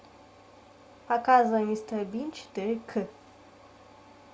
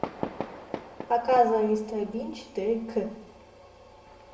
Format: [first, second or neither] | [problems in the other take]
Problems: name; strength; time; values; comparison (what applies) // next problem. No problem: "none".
first | background sound (Fireworks); 12 dB below the speech // room echo; dies away in 0.7 s